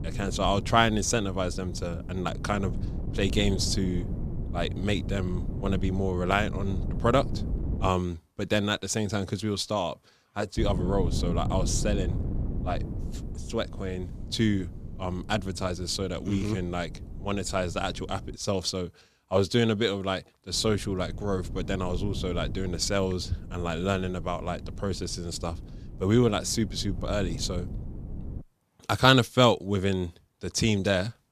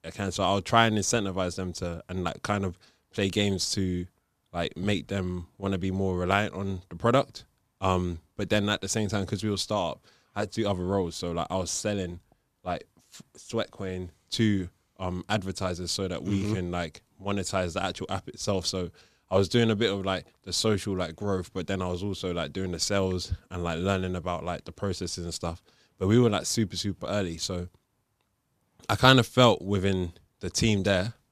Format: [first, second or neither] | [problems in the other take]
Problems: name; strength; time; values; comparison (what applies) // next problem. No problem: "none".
second | wind noise on the microphone; occasional gusts; until 8 s, from 11 to 18 s and from 21 to 28 s; 15 dB below the speech